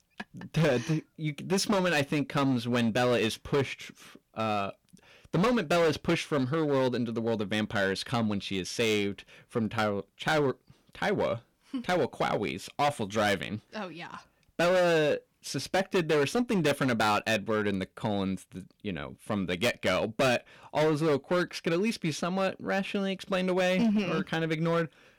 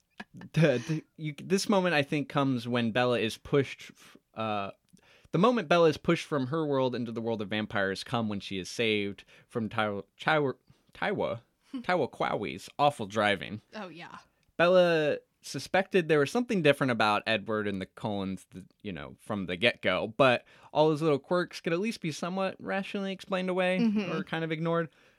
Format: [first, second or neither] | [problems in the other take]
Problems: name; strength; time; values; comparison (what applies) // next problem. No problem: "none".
second | distortion; heavy; 10% of the sound clipped